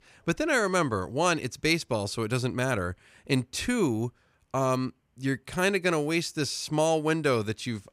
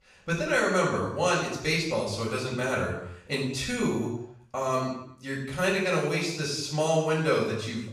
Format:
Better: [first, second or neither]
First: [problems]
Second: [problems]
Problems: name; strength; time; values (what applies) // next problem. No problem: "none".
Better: first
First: none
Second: room echo; noticeable; dies away in 0.7 s // off-mic speech; far